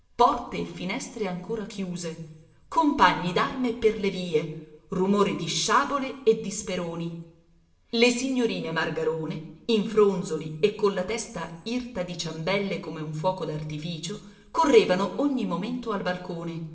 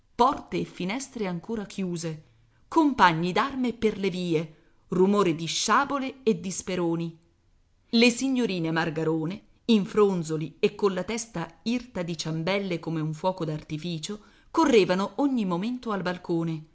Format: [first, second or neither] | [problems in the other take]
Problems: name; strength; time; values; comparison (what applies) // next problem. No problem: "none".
second | room echo; dies away in 0.8 s